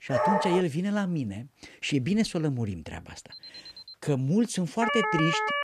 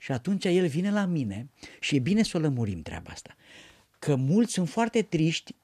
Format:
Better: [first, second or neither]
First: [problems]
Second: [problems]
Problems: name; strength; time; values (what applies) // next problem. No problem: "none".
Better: second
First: dog barking; loud; at the start; peak 3 dB above the speech // alarm; faint; at 3.5 s; peak 15 dB below the speech // siren; loud; at 5 s; peak 2 dB above the speech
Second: none